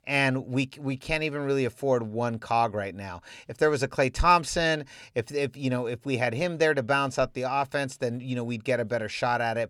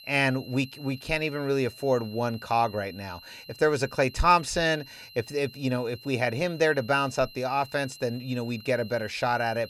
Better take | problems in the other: first | high-pitched whine; noticeable; throughout; 4 kHz, 20 dB below the speech

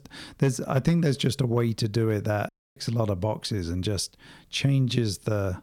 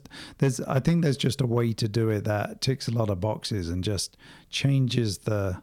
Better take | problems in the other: second | audio cutting out; at 2.5 s

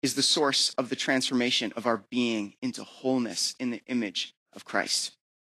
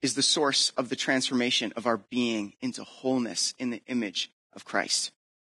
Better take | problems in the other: first | garbled, watery; badly; slightly in the first

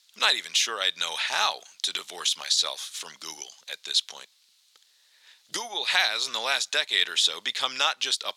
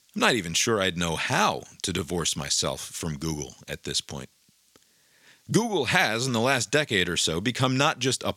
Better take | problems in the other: second | thin; very; fading below 850 Hz

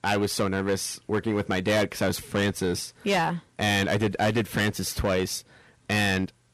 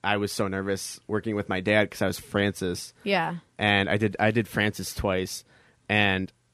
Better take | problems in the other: second | distortion; heavy; 10% of the sound clipped

